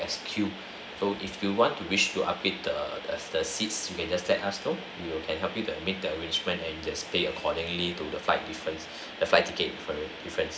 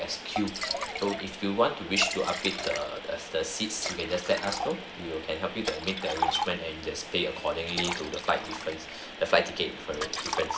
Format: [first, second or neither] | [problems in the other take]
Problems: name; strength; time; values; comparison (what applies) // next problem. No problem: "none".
first | background sound (Liquid); 6 dB below the speech